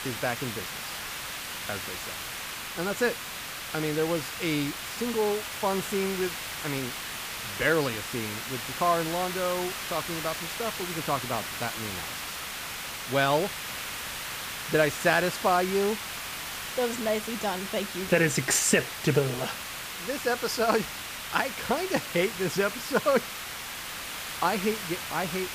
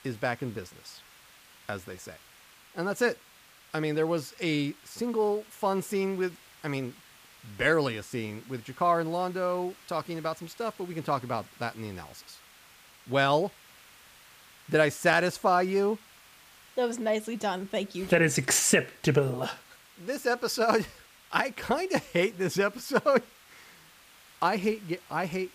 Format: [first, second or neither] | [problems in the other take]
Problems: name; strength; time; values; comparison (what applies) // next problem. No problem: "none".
second | hiss; loud; throughout; 5 dB below the speech; faint in the second